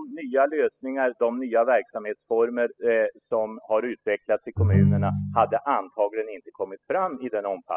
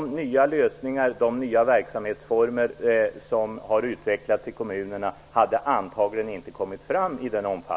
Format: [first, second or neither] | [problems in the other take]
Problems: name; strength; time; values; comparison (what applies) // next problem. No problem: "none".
second | noise reduction (classical method spectral subtraction)